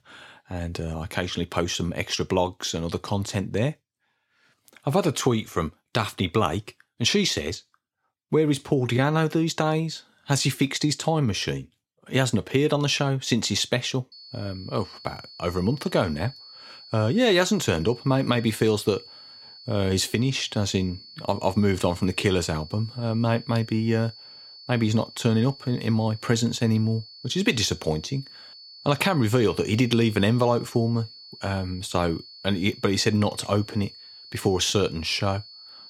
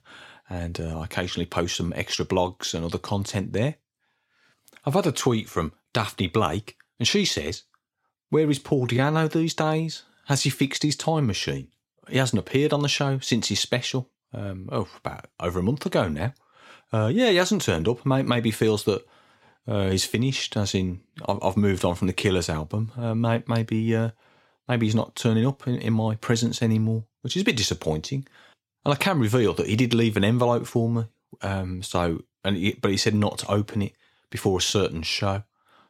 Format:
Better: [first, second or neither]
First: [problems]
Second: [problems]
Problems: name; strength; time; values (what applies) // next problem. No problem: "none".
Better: second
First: high-pitched whine; noticeable; from 14 s on; 4.5 kHz, 20 dB below the speech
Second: none